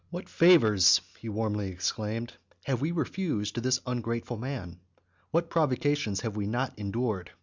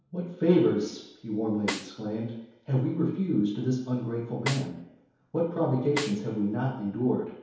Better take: first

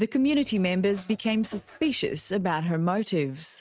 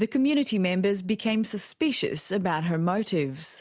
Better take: second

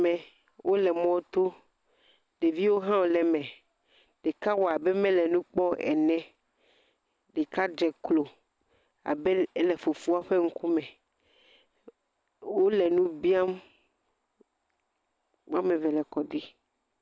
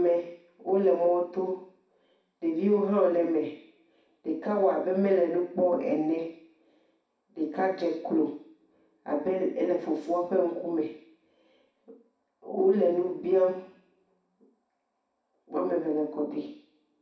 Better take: first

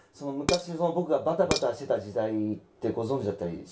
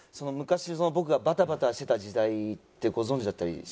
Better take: second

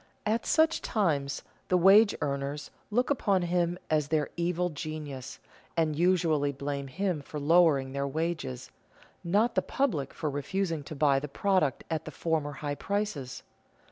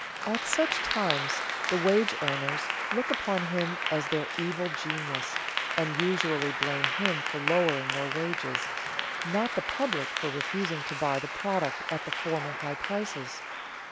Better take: first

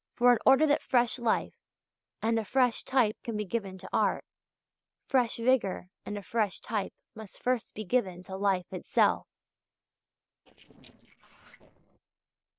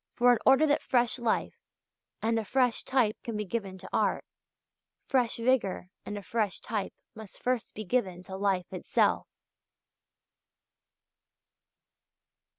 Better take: second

